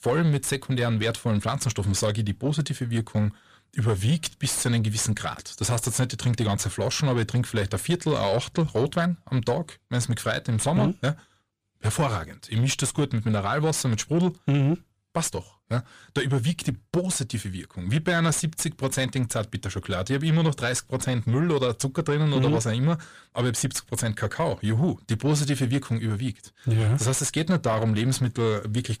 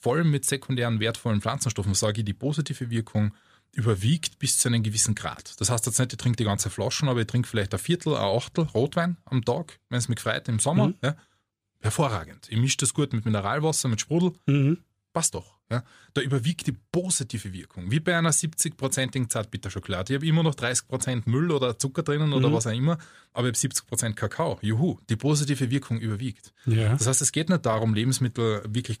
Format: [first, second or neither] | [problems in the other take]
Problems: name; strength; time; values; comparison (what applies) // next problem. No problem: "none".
second | distortion; slight; 10 dB below the speech